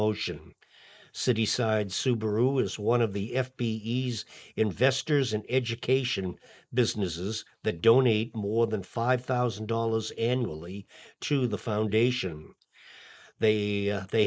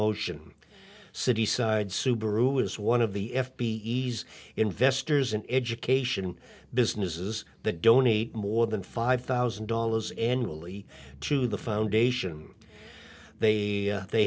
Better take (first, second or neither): second